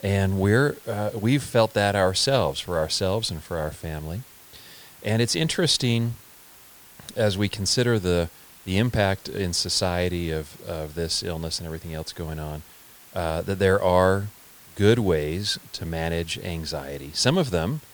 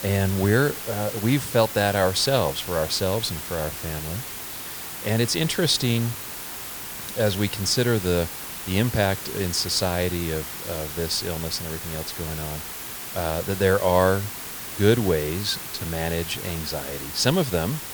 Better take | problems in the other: first | hiss; loud; throughout; 8 dB below the speech; faint in the first

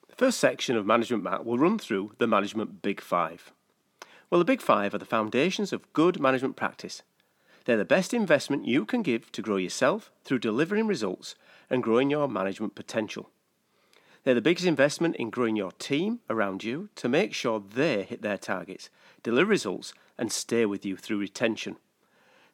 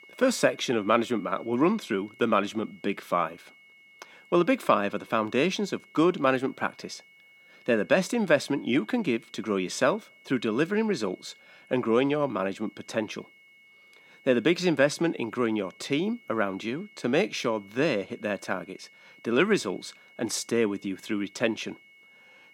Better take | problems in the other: first | high-pitched whine; faint; throughout; 2 kHz, 25 dB below the speech

